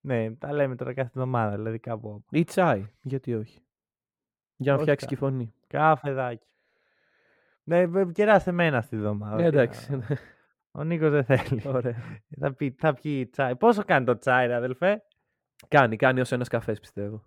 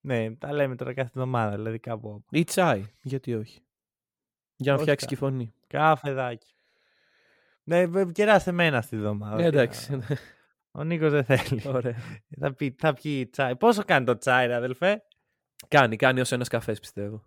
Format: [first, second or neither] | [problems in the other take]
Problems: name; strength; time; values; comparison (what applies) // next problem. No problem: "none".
second | muffled; slightly; fading above 2.5 kHz